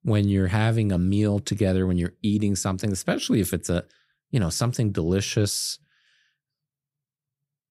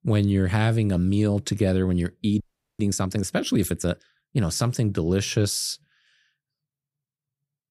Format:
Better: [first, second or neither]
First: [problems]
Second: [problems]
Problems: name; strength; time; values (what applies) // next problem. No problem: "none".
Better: first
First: none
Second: audio freezing; at 2.5 s